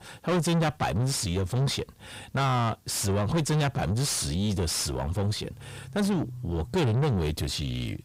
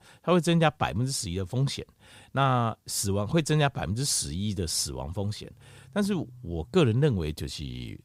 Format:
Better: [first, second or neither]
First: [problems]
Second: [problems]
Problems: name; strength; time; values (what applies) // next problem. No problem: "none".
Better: second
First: distortion; heavy; 6 dB below the speech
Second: none